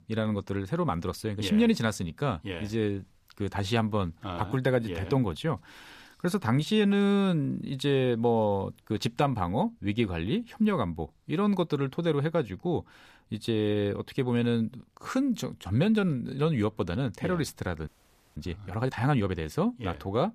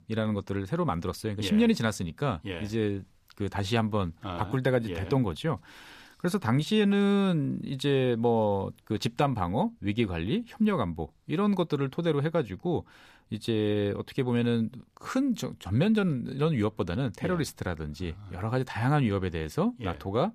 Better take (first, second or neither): second